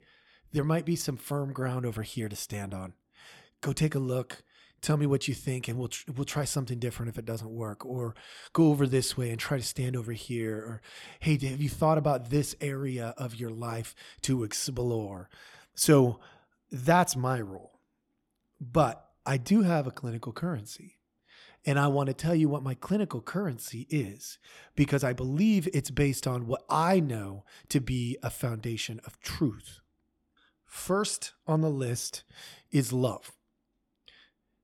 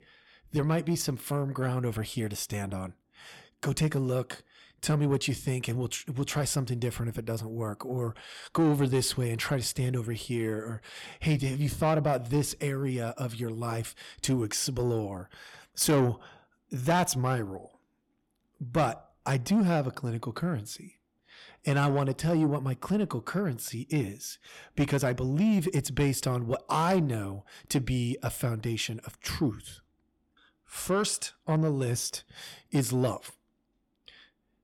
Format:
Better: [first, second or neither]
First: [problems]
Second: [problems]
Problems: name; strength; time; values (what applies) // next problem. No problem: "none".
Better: first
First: none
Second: distortion; slight; 10 dB below the speech